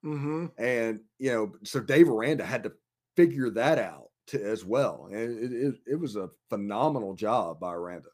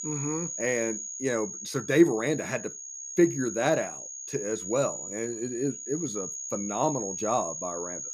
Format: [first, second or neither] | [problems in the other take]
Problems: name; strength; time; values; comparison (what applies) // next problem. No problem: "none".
first | high-pitched whine; loud; throughout; 6.5 kHz, 6 dB below the speech